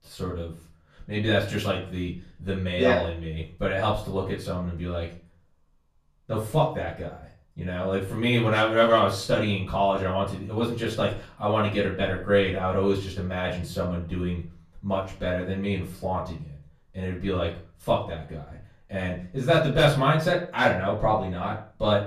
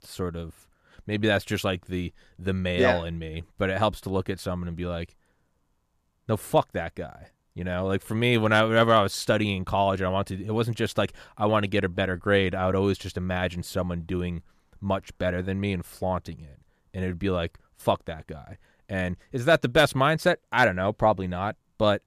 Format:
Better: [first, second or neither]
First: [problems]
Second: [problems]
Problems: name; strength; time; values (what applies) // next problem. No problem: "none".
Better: second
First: off-mic speech; far // room echo; slight; dies away in 0.4 s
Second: none